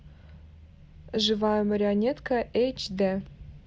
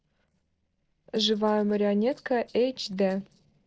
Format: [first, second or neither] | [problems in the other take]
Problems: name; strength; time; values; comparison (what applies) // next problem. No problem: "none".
first | noise reduction (neural separator model SepFormer DNS4)